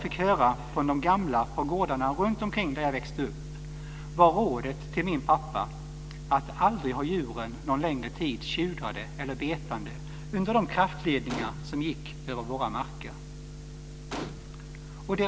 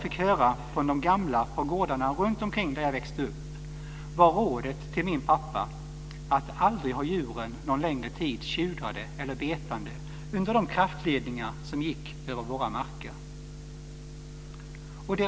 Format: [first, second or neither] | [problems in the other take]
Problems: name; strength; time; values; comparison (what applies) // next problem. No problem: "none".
second | background sound (Gunshot, gunfire); 13 dB below the speech